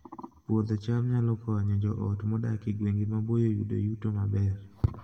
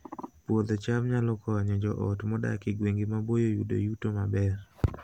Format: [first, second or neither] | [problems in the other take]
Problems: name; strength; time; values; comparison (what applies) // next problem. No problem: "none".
second | room echo; dies away in 1.5 s